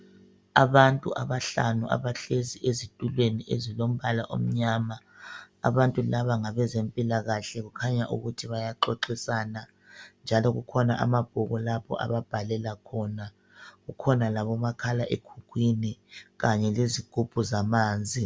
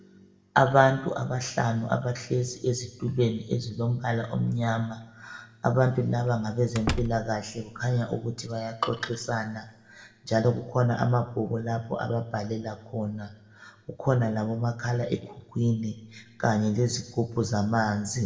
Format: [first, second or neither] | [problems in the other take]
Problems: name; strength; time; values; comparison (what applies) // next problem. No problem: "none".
first | background sound (Slam); 8 dB below the speech // room echo; dies away in 0.7 s